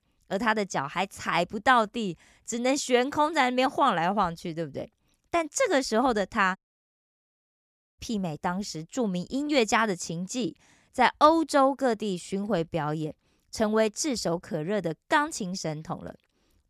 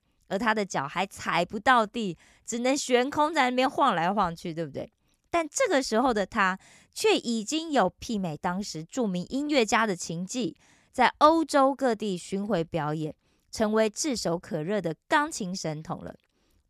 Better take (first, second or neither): second